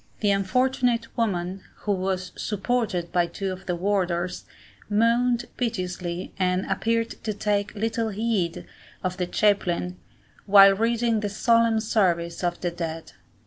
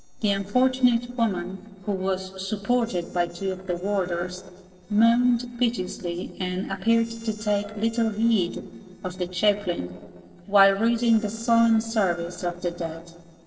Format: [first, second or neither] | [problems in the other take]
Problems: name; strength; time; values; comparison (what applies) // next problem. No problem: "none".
first | noise reduction (neural separator model SepFormer DNS4)